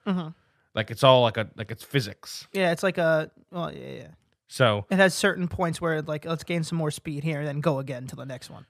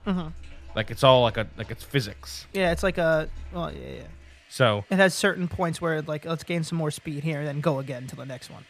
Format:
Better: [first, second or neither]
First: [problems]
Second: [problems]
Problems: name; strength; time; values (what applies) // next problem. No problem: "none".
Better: first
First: none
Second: household noises; faint; throughout; 20 dB below the speech